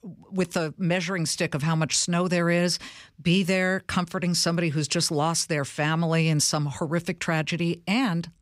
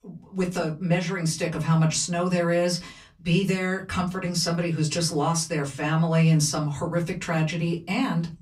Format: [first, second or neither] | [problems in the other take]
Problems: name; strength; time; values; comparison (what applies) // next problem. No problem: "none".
first | off-mic speech; far // room echo; very slight; dies away in 0.3 s